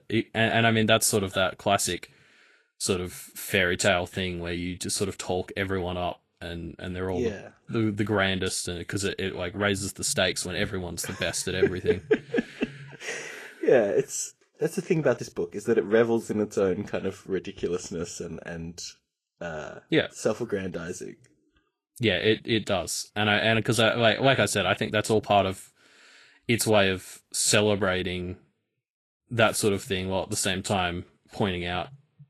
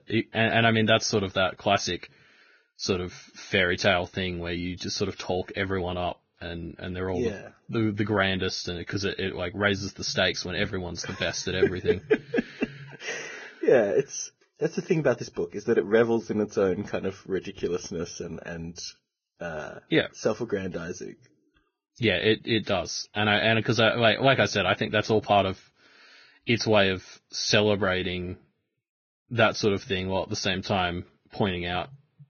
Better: first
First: garbled, watery; slightly; nothing above 12.5 kHz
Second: garbled, watery; badly; nothing above 6.5 kHz

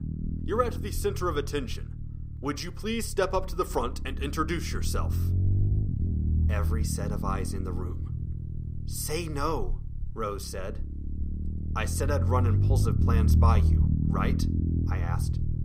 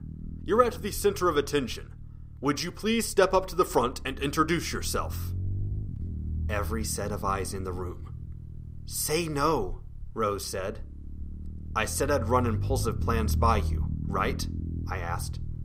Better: second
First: low rumble; loud; throughout; 9 dB below the speech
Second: low rumble; faint; throughout; 20 dB below the speech

